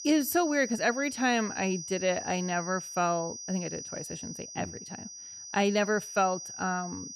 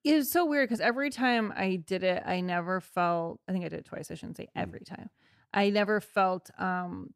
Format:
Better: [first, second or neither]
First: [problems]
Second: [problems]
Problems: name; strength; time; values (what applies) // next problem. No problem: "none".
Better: second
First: high-pitched whine; loud; throughout; 6 kHz, 9 dB below the speech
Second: none